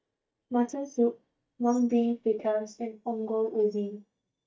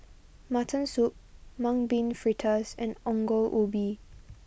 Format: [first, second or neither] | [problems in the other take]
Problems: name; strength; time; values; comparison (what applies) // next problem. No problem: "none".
second | noise reduction (neural mask model DeepFilterNet 3)